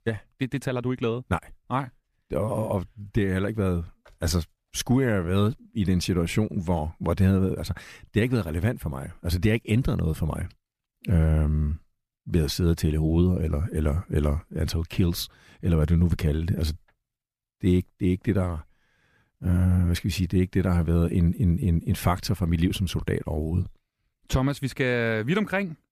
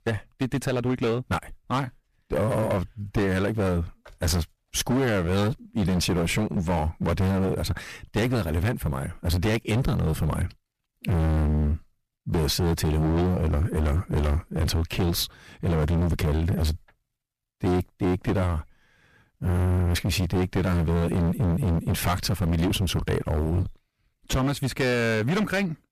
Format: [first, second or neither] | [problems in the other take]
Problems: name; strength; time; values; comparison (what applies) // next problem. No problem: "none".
first | distortion; heavy; 23% of the sound clipped